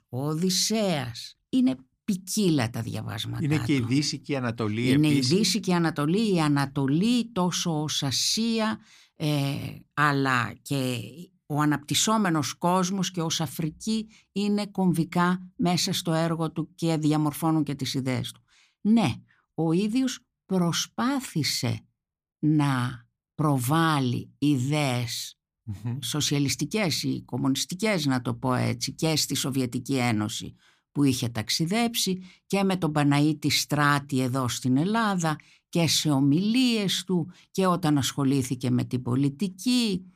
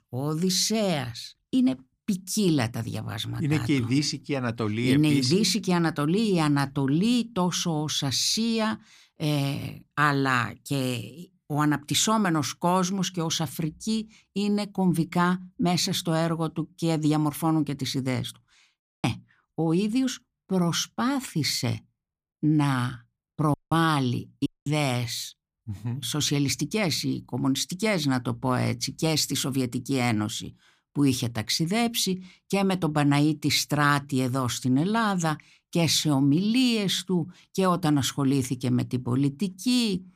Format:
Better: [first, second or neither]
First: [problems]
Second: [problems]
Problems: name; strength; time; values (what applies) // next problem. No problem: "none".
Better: first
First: none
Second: audio cutting out; at 19 s and at 24 s